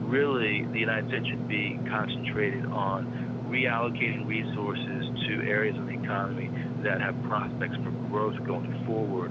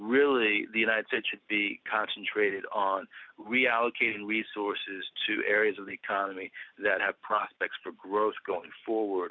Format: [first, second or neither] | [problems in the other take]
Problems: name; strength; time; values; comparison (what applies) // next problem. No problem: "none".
second | background sound (Engine / Mechanisms); 1 dB below the speech